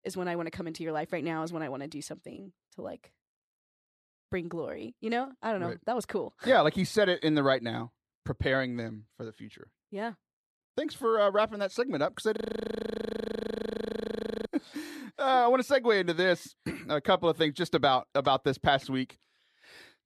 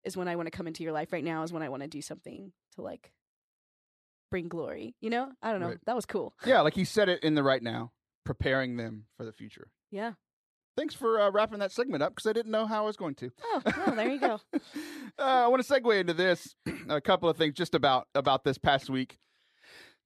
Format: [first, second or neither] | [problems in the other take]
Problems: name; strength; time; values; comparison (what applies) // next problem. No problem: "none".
second | audio freezing; at 12 s for 2 s